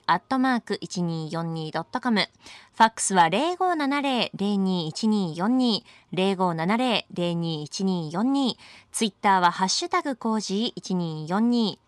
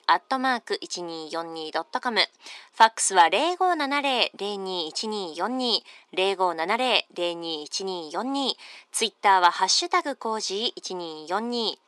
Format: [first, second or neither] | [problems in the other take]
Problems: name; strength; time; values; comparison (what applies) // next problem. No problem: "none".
first | thin; somewhat; fading below 350 Hz